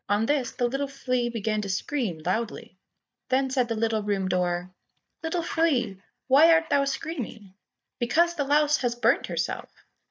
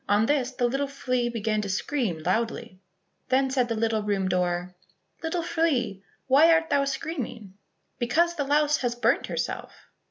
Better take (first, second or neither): second